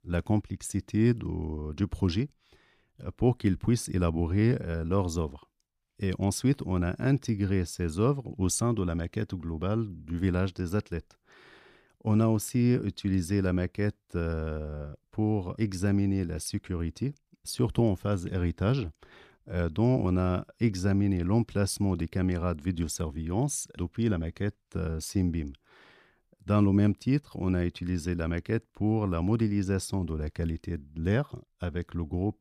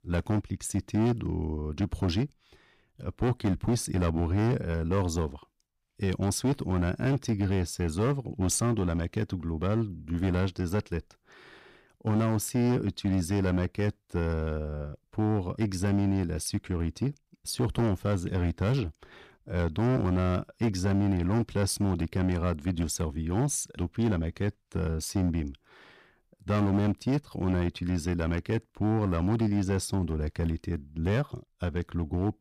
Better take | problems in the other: first | distortion; slight; 11% of the sound clipped

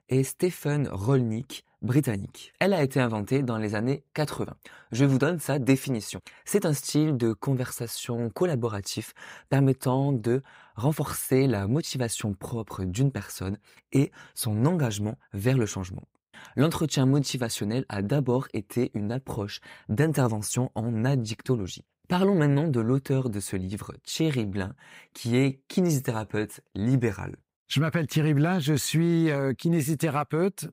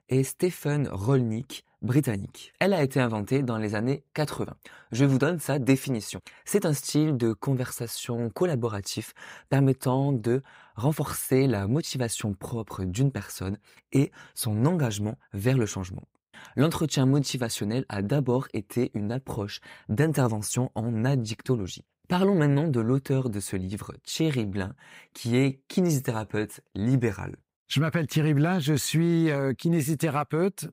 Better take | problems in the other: neither | none

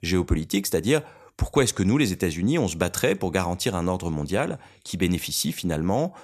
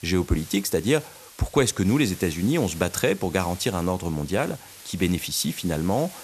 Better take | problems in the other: first | hiss; noticeable; throughout; 20 dB below the speech

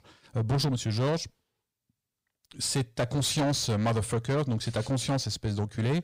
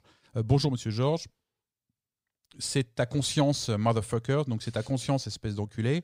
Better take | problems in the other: second | distortion; heavy; 8 dB below the speech

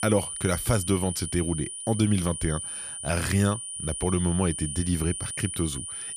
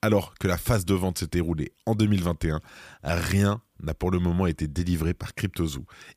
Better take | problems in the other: second | high-pitched whine; loud; throughout; 9.5 kHz, 5 dB below the speech

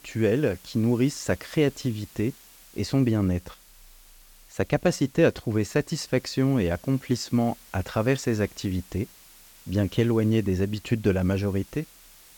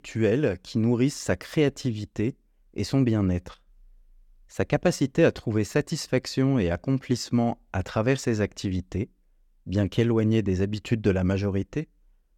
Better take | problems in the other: second | hiss; faint; throughout; 25 dB below the speech

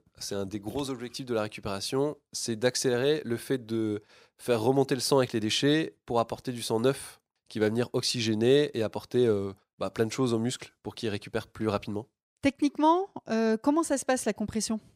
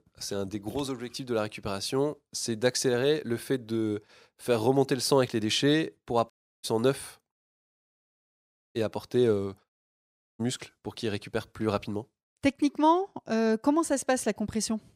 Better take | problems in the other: first | audio cutting out; at 6.5 s, at 7.5 s for 1.5 s and at 9.5 s for 0.5 s

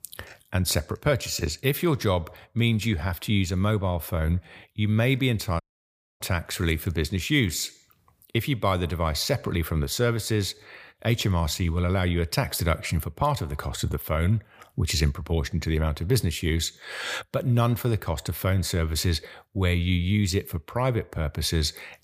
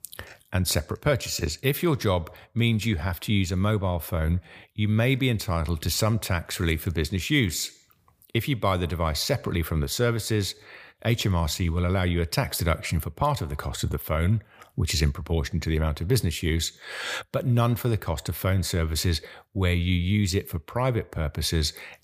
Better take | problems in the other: second | audio cutting out; at 5.5 s for 0.5 s

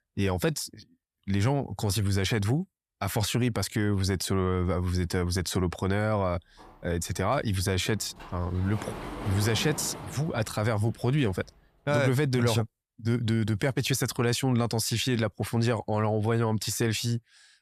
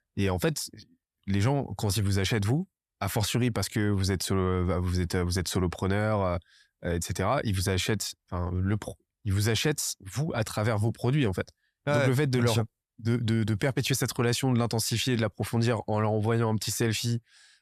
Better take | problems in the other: second | door banging; noticeable; from 6.5 to 11 s; peak 8 dB below the speech

